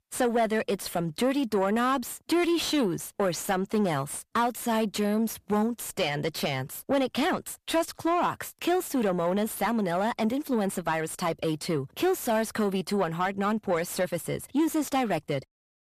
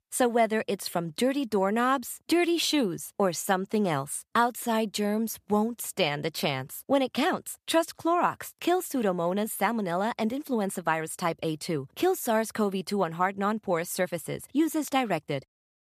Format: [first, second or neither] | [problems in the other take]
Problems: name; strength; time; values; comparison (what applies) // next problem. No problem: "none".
second | distortion; slight; 10 dB below the speech